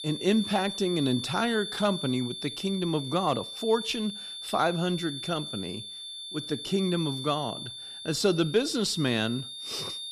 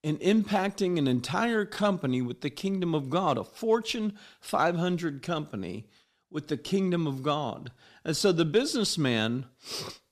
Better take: second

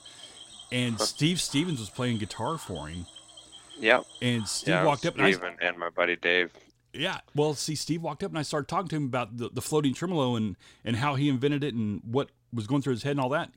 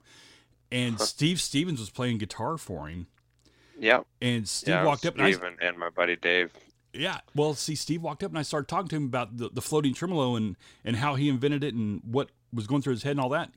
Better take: second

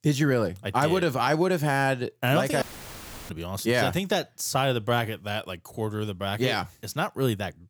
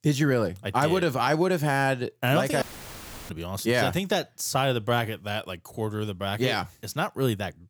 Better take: neither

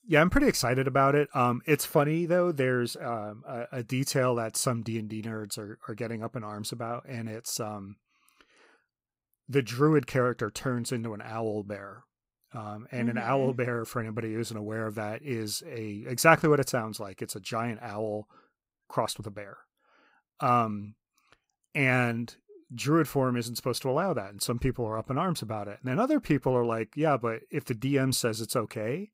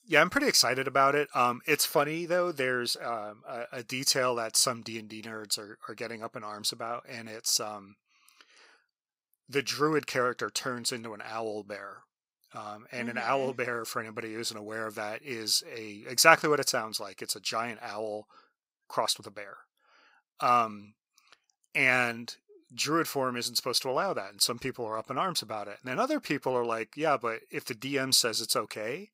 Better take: first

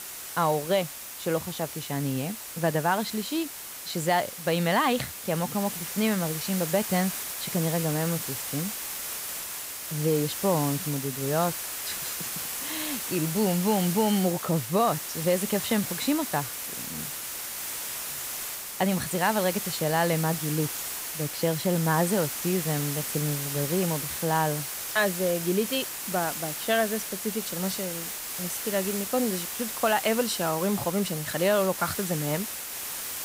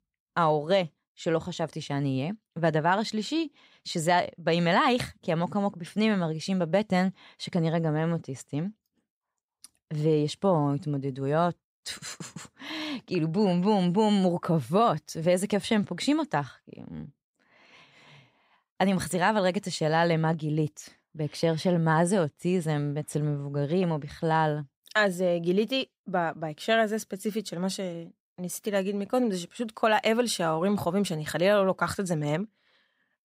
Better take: second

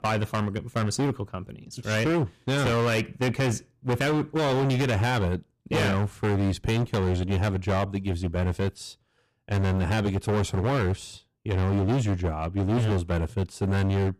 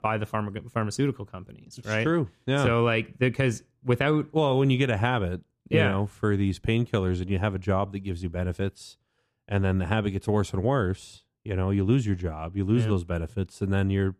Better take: second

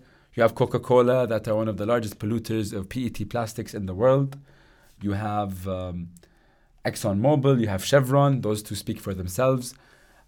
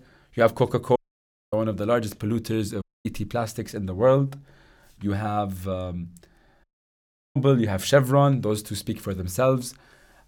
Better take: first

